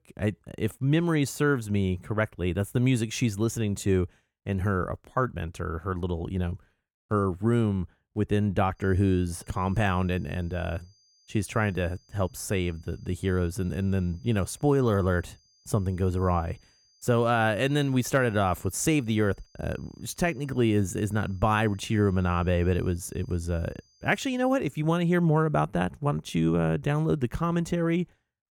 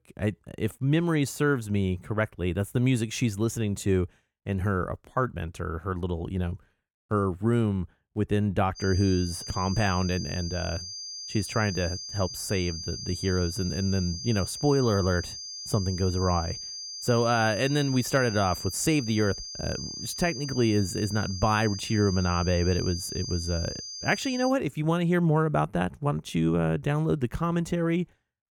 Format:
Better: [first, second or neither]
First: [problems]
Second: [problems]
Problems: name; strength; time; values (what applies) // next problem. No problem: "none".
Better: first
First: high-pitched whine; faint; from 9 to 25 s; 5 kHz, 35 dB below the speech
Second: high-pitched whine; loud; from 9 to 25 s; 5 kHz, 8 dB below the speech